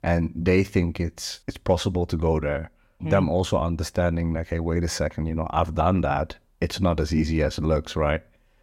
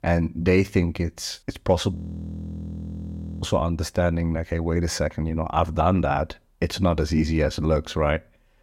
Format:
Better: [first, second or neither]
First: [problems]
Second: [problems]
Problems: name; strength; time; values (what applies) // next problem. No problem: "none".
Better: first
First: none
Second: audio freezing; at 2 s for 1.5 s